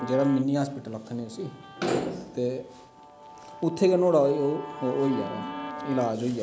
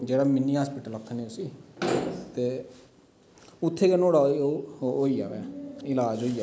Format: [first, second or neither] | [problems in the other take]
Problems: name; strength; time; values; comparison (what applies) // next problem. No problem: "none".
second | background sound (Guitar); 15 dB below the speech